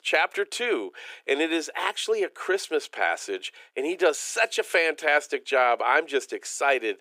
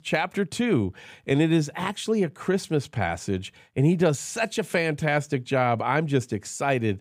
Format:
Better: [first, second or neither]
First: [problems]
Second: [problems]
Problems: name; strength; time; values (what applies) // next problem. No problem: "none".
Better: second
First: thin; very; fading below 350 Hz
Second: none